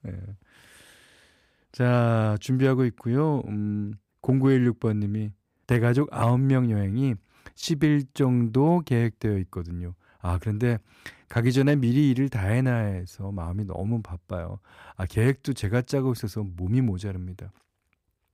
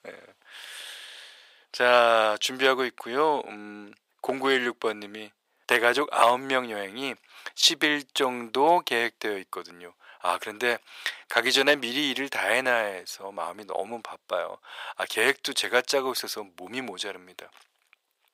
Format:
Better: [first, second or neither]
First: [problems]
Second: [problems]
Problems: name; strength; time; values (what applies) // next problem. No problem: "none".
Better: first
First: none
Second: thin; very; fading below 550 Hz